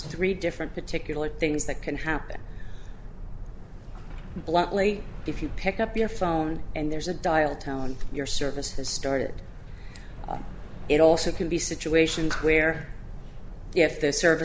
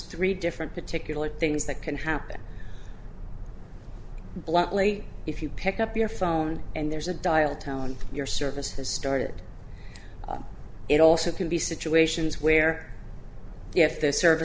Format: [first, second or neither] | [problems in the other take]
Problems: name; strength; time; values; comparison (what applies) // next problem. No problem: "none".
second | background sound (Sliding door); 19 dB below the speech